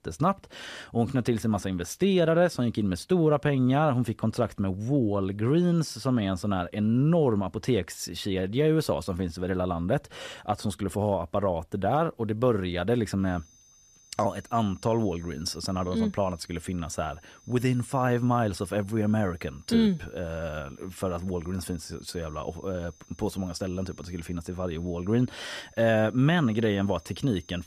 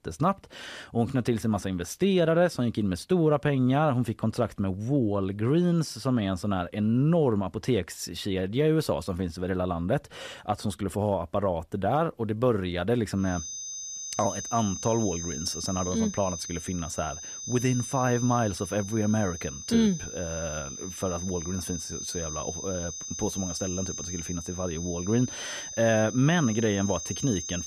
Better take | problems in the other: first | high-pitched whine; loud; from 13 s on; 6 kHz, 7 dB below the speech; faint in the first

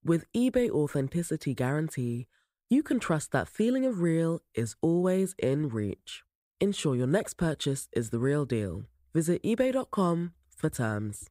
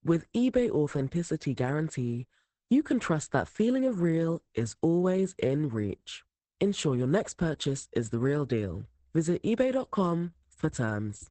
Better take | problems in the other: first | garbled, watery; badly; nothing above 8 kHz

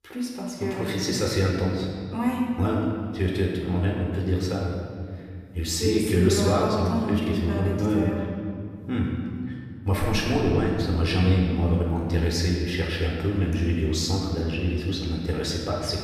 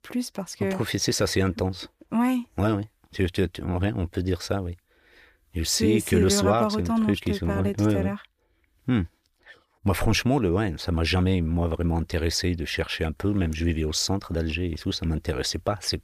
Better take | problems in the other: second | off-mic speech; far // room echo; noticeable; dies away in 2.2 s

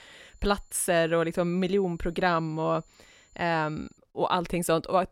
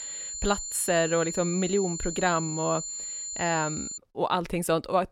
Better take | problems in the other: first | high-pitched whine; loud; until 4 s; 7 kHz, 6 dB below the speech; faint in the first

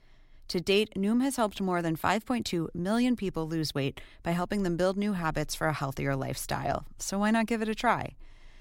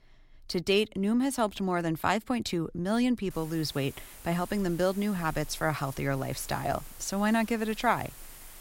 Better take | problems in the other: first | hiss; noticeable; from 3.5 s on; 20 dB below the speech

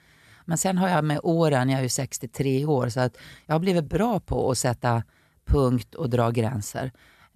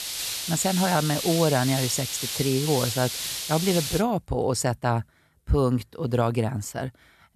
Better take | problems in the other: first | hiss; loud; until 4 s; 3 dB below the speech

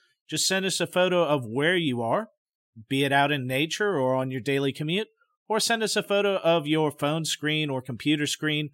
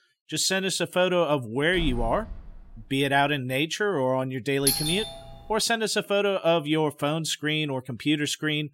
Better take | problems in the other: first | door banging; faint; from 1.5 to 3 s; peak 10 dB below the speech // doorbell; loud; at 4.5 s; peak 2 dB above the speech

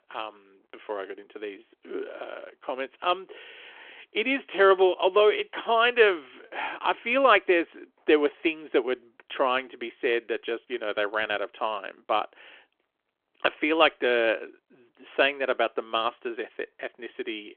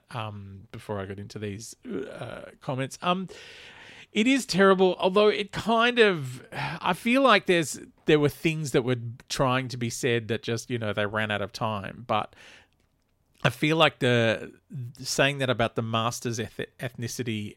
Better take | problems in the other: second | phone-call audio

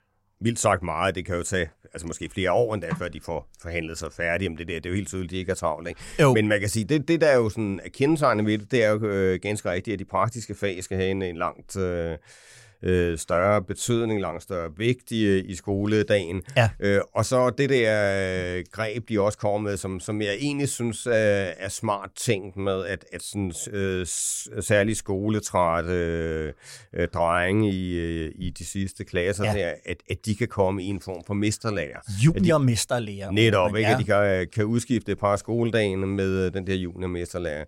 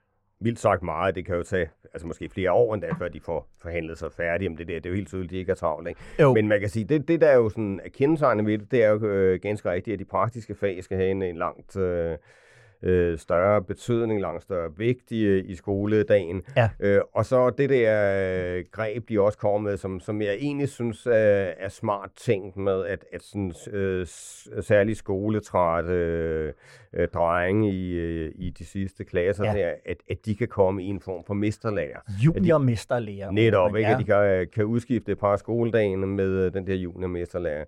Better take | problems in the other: first | muffled; very; fading above 3.5 kHz

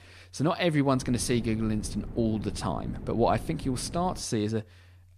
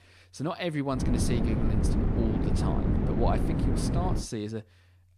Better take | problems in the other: first | wind noise on the microphone; heavy; from 1 to 4 s; 1 dB below the speech; occasional gusts in the first

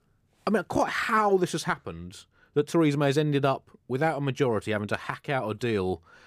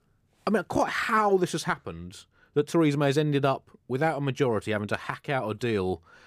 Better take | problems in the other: neither | none

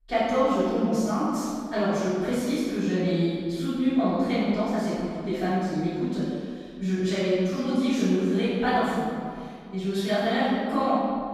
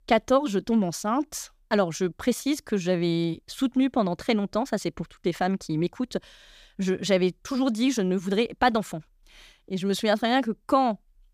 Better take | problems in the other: second | off-mic speech; far // room echo; strong; dies away in 1.9 s

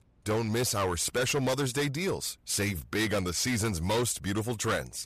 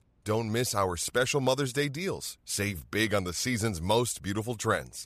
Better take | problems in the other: second | distortion; heavy; 15% of the sound clipped

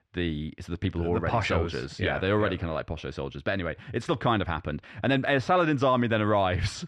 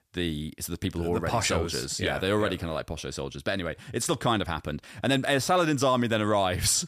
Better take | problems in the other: second | muffled; slightly; fading above 2.5 kHz

